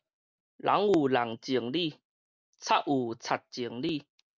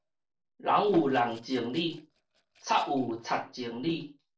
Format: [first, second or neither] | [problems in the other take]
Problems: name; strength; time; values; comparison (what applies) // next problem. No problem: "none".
first | noise reduction (neural separator model SepFormer DNS4)